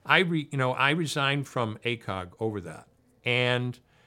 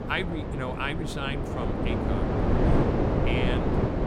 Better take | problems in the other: first | wind noise on the microphone; heavy; 3 dB above the speech

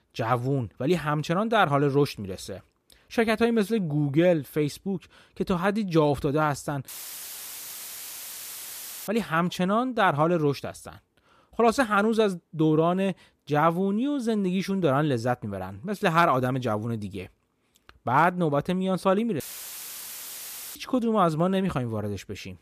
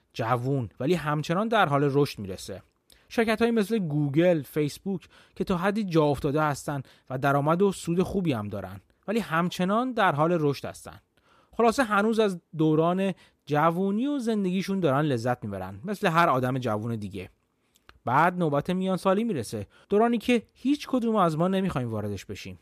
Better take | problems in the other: second | audio cutting out; filled with static; at 7 s for 2 s and at 19 s for 1.5 s

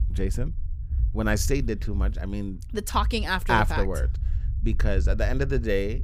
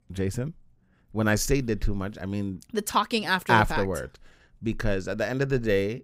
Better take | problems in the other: second | low rumble; faint; throughout; 20 dB below the speech

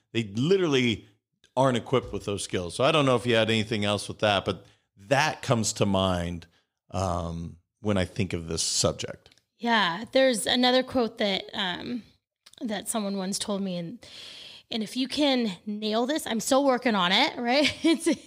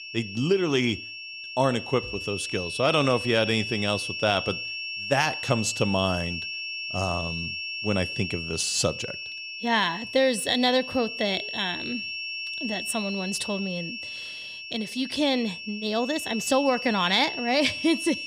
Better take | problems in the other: first | high-pitched whine; loud; throughout; 2.5 kHz, 6 dB below the speech

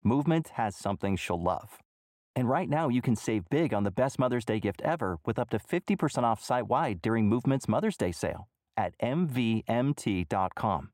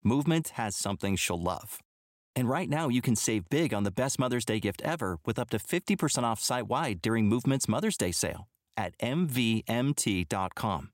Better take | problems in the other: second | muffled; very; fading above 3 kHz

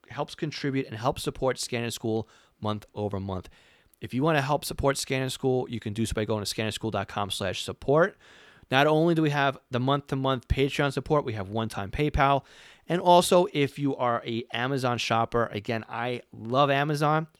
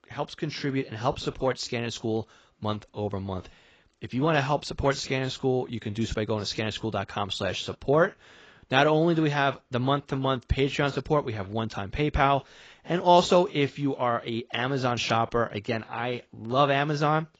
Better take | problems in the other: first | garbled, watery; badly; nothing above 7.5 kHz

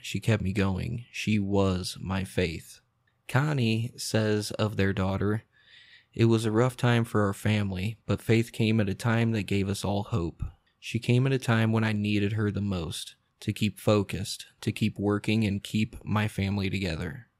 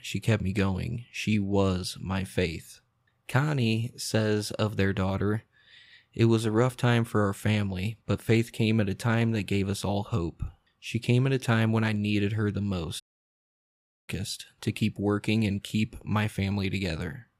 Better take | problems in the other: first | audio cutting out; at 13 s for 1 s

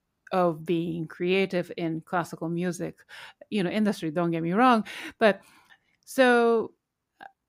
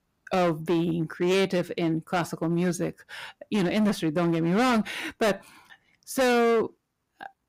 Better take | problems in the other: first | distortion; heavy; 14% of the sound clipped

